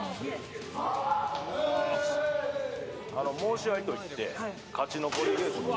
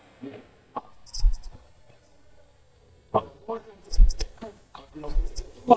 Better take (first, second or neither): first